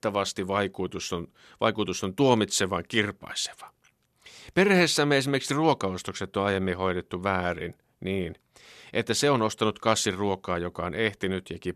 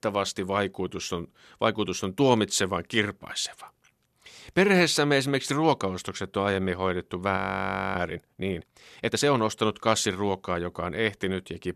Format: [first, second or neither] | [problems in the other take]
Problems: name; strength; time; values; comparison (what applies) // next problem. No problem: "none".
first | audio freezing; at 7.5 s for 0.5 s